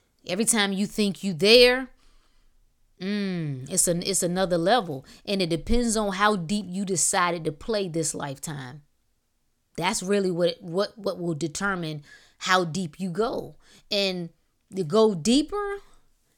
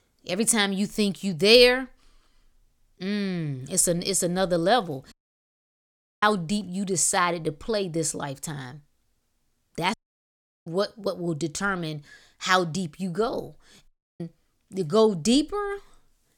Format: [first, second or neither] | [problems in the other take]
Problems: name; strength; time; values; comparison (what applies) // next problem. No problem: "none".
first | audio cutting out; at 5 s for 1 s, at 10 s for 0.5 s and at 14 s